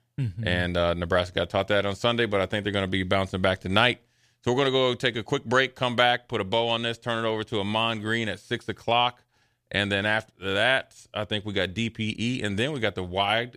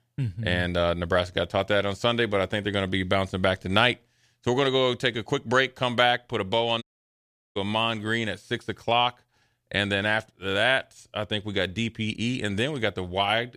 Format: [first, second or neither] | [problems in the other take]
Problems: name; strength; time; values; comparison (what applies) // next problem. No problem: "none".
first | audio cutting out; at 7 s for 0.5 s